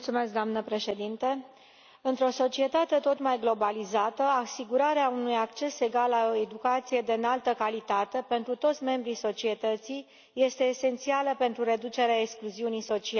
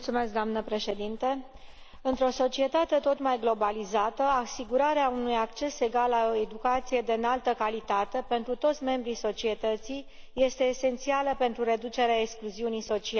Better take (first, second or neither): first